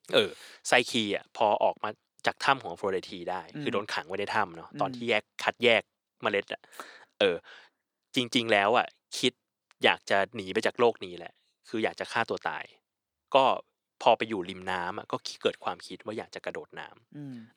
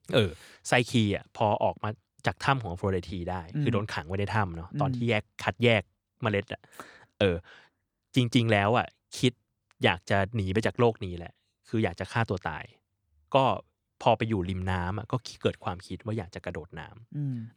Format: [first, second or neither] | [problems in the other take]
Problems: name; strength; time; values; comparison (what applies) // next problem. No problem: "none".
second | thin; somewhat; fading below 350 Hz